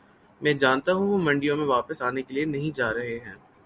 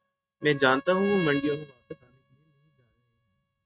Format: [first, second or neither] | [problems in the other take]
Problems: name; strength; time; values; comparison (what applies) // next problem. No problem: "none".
first | noise reduction (neural mask model RNNoise)